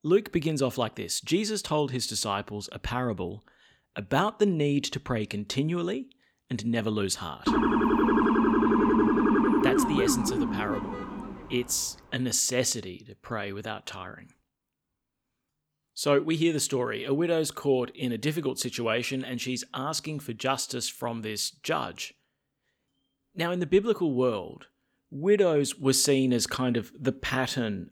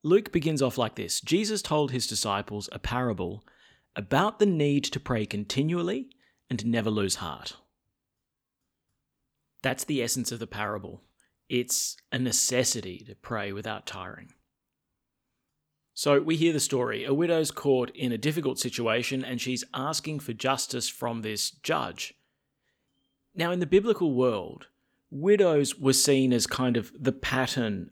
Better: second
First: siren; loud; from 7.5 to 11 s; peak 6 dB above the speech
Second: none

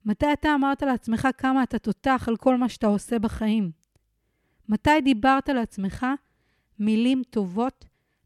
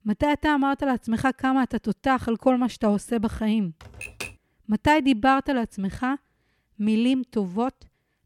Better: first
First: none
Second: keyboard typing; faint; at 4 s; peak 10 dB below the speech

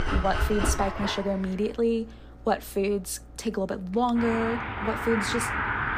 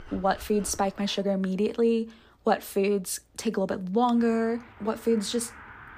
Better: second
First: traffic noise; loud; throughout; 2 dB below the speech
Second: traffic noise; faint; throughout; 20 dB below the speech

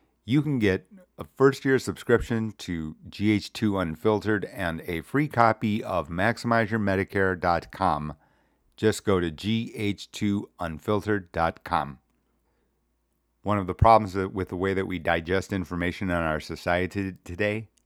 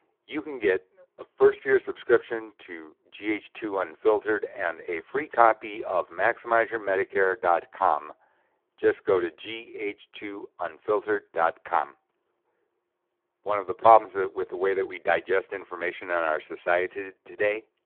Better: first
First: none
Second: phone-call audio; poor line

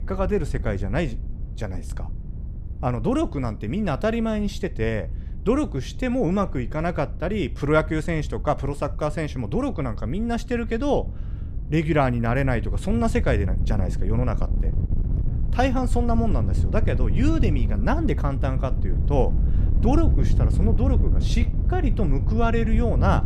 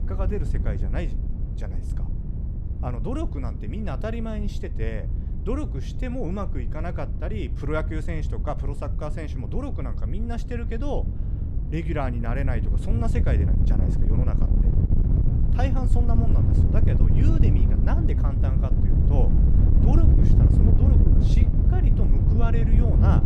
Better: first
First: wind noise on the microphone; occasional gusts; 15 dB below the speech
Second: wind noise on the microphone; heavy; 2 dB below the speech

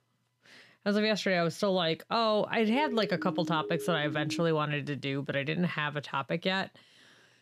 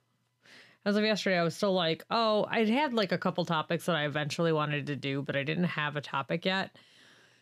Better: second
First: siren; noticeable; from 2.5 to 4.5 s; peak 8 dB below the speech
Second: none

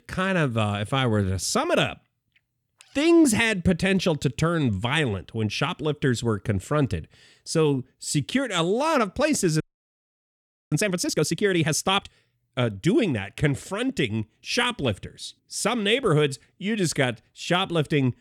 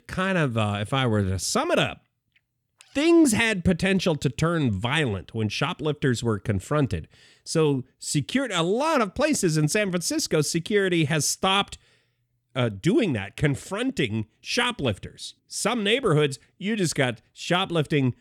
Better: second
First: audio freezing; at 9.5 s for 1 s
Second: none

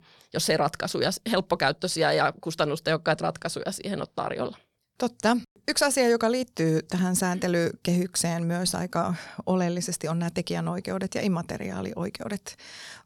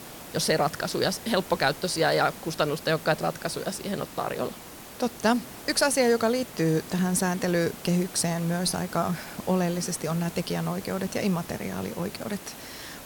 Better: first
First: none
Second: hiss; noticeable; throughout; 15 dB below the speech

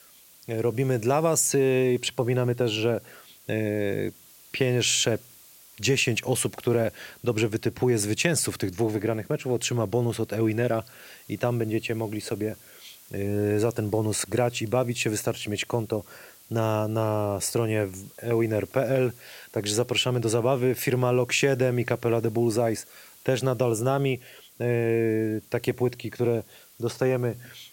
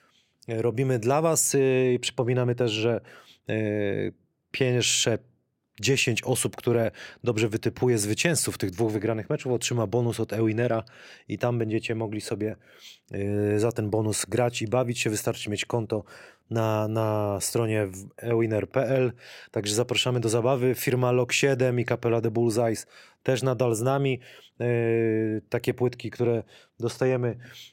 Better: second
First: hiss; faint; throughout; 25 dB below the speech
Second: none

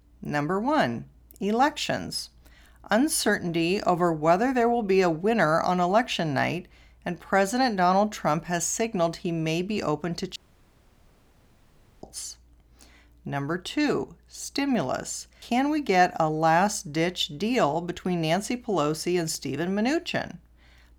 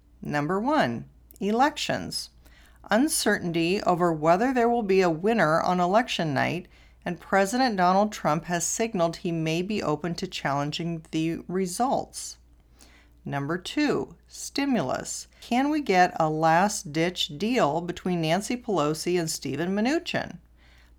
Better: second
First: audio cutting out; at 10 s for 1.5 s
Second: none

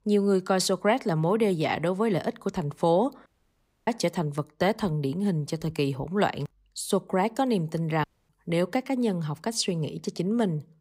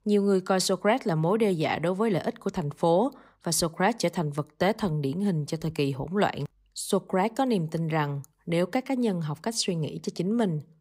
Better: second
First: audio cutting out; at 3.5 s for 0.5 s and at 8 s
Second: none

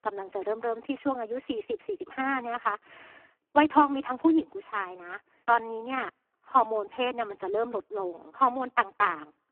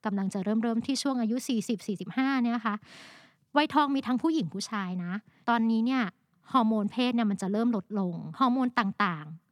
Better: second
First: phone-call audio; poor line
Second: none

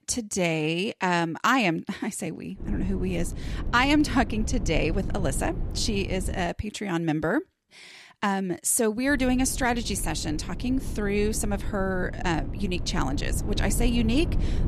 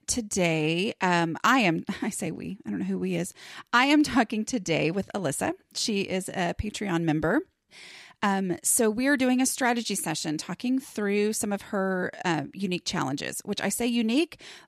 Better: second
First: low rumble; noticeable; from 2.5 to 6.5 s and from 9 s on; 15 dB below the speech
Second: none

